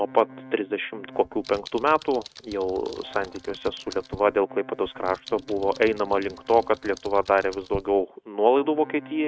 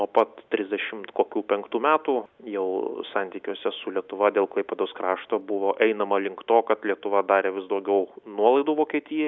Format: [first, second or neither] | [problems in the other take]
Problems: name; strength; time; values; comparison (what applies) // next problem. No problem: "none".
second | noise reduction (neural mask model RNNoise)